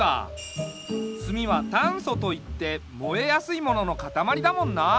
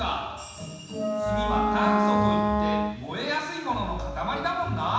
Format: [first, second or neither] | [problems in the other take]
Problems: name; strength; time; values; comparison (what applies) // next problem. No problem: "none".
first | background sound (Wind instrument, woodwind instrument); 3 dB above the speech // room echo; dies away in 1.1 s